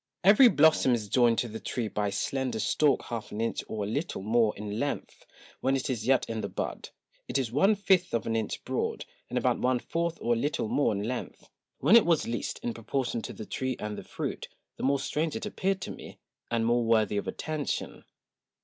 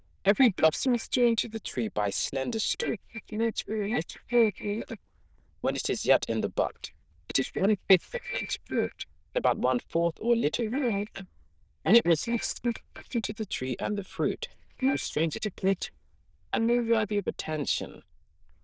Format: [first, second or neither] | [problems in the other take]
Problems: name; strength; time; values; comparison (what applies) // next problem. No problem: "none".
first | noise reduction (neural diffusion model UNIVERSE++)